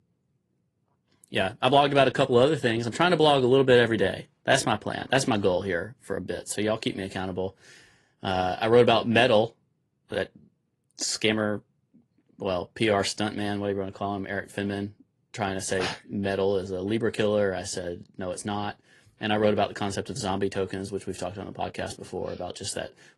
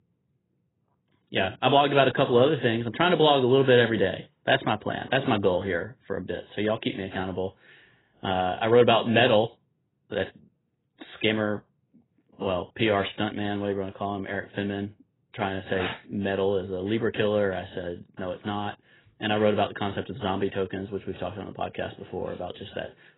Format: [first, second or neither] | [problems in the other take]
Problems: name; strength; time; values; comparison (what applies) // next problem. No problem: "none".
first | garbled, watery; badly; nothing above 4 kHz; slightly in the first